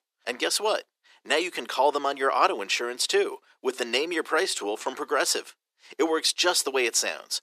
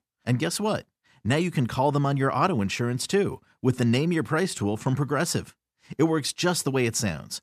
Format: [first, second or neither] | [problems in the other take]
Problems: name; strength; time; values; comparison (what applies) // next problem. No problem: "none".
second | thin; very; fading below 350 Hz